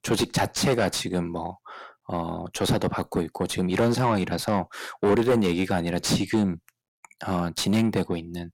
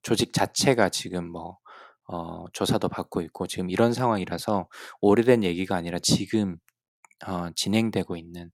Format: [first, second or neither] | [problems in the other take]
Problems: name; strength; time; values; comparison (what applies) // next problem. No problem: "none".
second | distortion; heavy; 6 dB below the speech